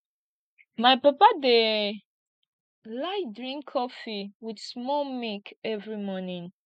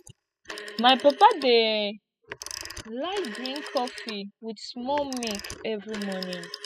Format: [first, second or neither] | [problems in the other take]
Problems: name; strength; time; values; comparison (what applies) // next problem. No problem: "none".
first | noise reduction (classical method spectral subtraction)